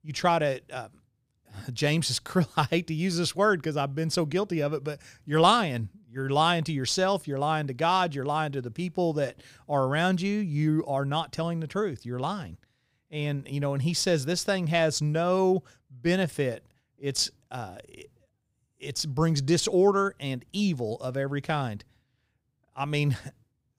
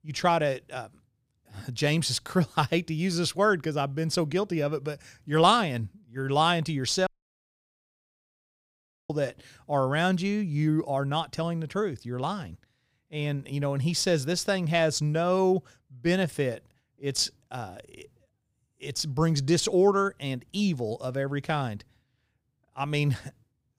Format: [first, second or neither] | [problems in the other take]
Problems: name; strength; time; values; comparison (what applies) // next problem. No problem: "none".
first | audio cutting out; at 7 s for 2 s